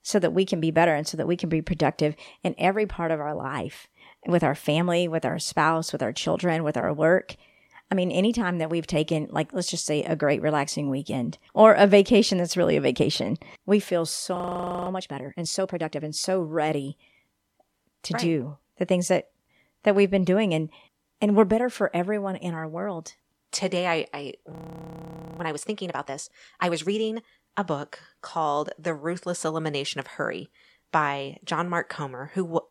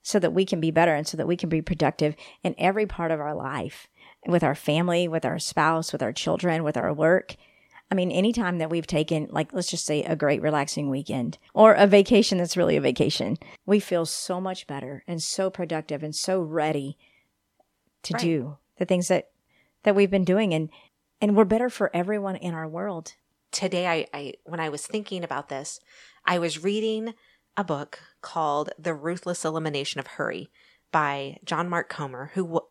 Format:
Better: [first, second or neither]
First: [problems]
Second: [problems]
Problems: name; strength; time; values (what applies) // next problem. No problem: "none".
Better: second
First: audio freezing; at 14 s for 0.5 s and at 25 s for 1 s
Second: none